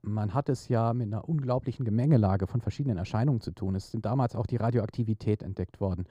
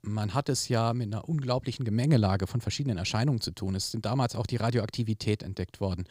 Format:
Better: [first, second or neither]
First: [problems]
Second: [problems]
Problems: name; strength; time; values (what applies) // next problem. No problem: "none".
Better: second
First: muffled; very; fading above 2 kHz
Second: none